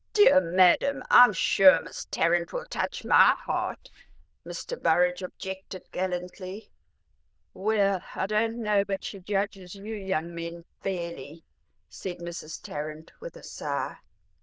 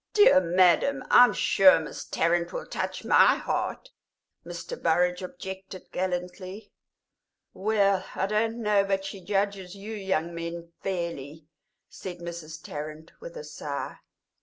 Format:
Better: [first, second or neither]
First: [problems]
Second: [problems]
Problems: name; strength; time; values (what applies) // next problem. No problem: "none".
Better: second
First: noise reduction (neural diffusion model UNIVERSE++)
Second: none